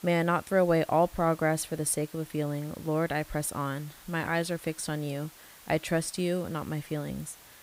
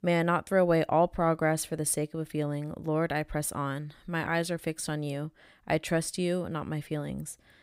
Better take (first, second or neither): second